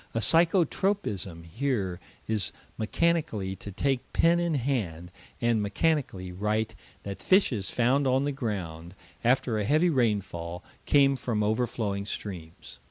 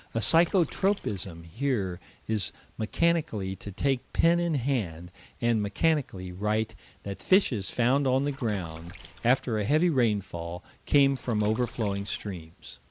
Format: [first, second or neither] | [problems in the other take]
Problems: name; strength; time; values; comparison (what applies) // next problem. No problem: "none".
first | background sound (Water / Splash, splatter); 20 dB below the speech